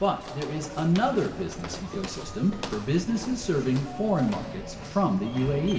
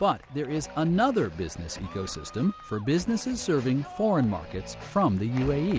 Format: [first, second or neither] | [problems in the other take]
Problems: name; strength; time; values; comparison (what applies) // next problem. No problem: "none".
second | background sound (Walk, footsteps); 14 dB below the speech // room echo; dies away in 2.8 s